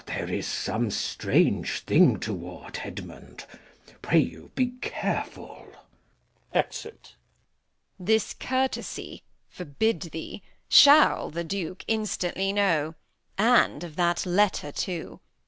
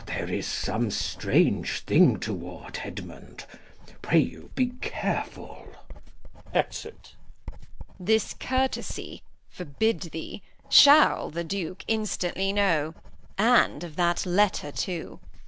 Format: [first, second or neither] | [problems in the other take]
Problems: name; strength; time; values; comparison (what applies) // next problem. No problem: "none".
first | background sound (Writing); 11 dB below the speech